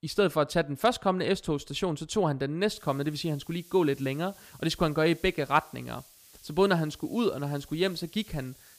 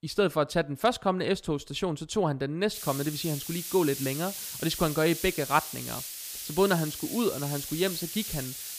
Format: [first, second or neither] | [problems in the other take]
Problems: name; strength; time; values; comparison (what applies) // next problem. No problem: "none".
first | hiss; loud; from 2.5 s on; 7 dB below the speech; faint in the first